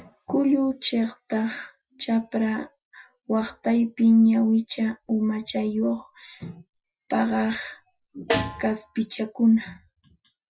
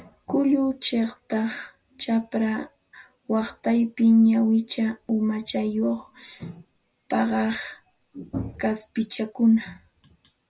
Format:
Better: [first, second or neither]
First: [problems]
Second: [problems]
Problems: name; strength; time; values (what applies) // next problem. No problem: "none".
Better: second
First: noise reduction (classical method Wiener filter)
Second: none